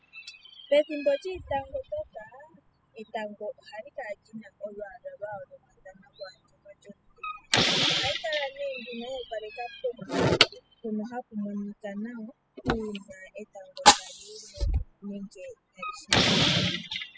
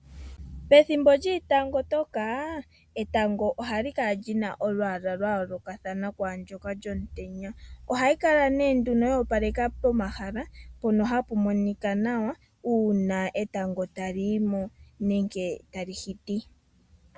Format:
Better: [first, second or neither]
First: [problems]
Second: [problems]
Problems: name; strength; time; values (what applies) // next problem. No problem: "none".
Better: second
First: noise reduction (classical method spectral subtraction)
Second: none